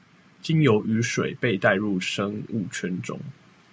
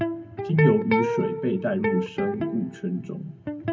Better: first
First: none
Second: background sound (Electric guitar); 2 dB below the speech // room echo; dies away in 0.3 s

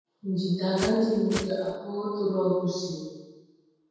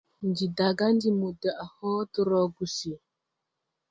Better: second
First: background sound (Walk, footsteps); 10 dB below the speech // room echo; dies away in 1.2 s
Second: none

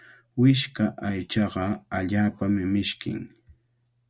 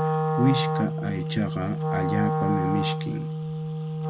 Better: first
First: none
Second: background sound (Wind instrument, woodwind instrument); 2 dB above the speech

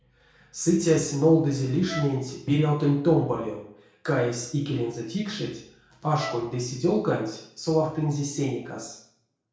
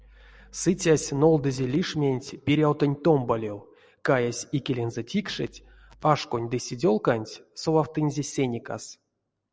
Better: second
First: background sound (Wind instrument, woodwind instrument); 14 dB below the speech // room echo; dies away in 0.6 s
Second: none

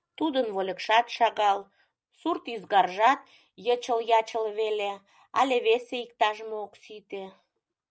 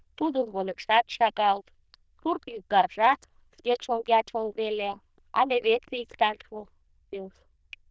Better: first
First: none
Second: noise reduction (neural diffusion model UNIVERSE++)

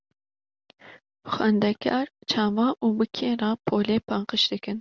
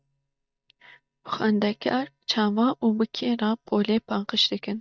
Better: first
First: none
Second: noise reduction (neural mask model DeepFilterNet 3)

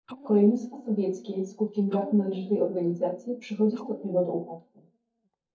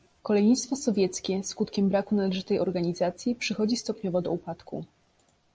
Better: second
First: noise reduction (neural mask model DeepFilterNet 3)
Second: none

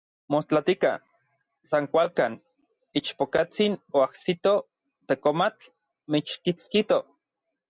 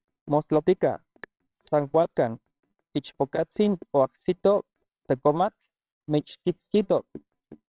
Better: first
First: none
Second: noise reduction (neural separator model SepFormer WHAMR!)

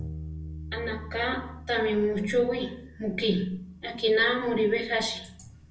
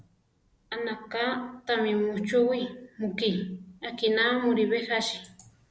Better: second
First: background sound (Bass guitar); 14 dB below the speech // room echo; dies away in 0.3 s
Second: none

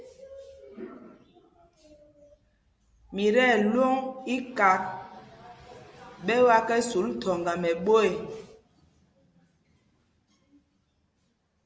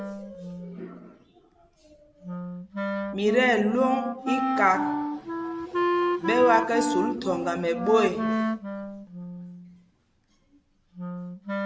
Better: first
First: none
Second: background sound (Wind instrument, woodwind instrument); 2 dB below the speech

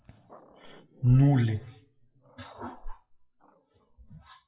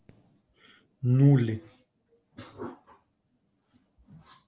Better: second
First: noise reduction (classical method WPE with log-MMSE)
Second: none

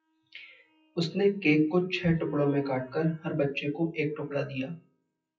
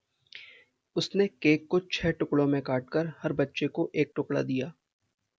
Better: second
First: noise reduction (classical method WPE with log-MMSE)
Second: none

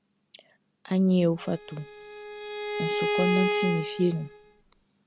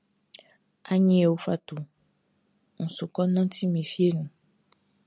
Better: second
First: background sound (Bowed string instrument); 2 dB below the speech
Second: none

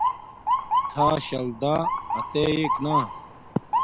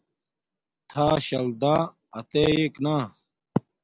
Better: second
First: background sound (Motor vehicle (road) / Siren); 1 dB above the speech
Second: none

